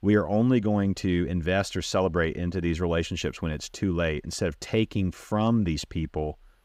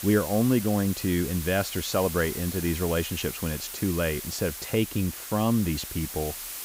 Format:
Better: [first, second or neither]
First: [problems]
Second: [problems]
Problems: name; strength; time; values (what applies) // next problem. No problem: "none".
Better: first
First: none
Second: hiss; loud; throughout; 7 dB below the speech